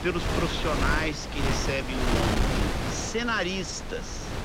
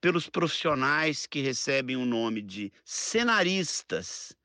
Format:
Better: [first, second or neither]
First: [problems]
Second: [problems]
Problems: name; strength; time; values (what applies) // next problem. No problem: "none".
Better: second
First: wind noise on the microphone; heavy; 1 dB below the speech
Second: none